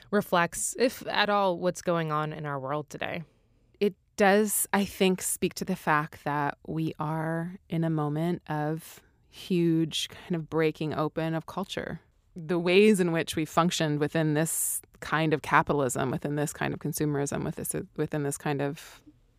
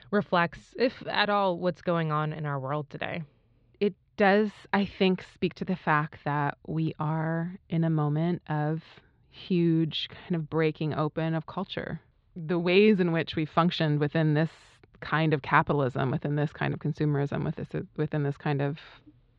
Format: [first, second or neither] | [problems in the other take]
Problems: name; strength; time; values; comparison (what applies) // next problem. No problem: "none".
first | muffled; slightly; fading above 4 kHz